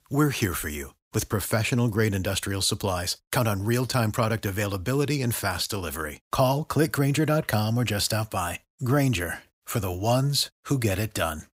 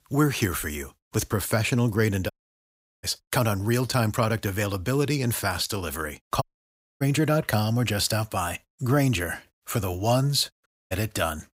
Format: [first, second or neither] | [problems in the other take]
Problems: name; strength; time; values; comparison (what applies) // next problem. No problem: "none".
first | audio cutting out; at 2.5 s for 0.5 s, at 6.5 s for 0.5 s and at 11 s